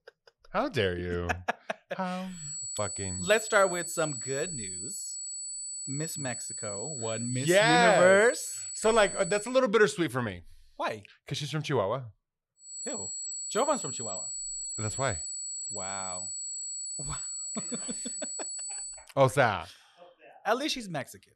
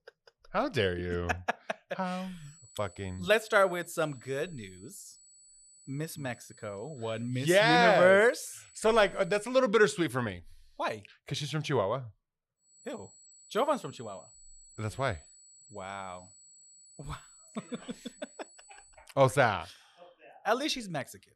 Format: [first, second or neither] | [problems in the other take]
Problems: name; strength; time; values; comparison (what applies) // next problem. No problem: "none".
second | high-pitched whine; loud; from 2.5 to 9.5 s and from 13 to 19 s; 8 kHz, 6 dB below the speech; faint in the second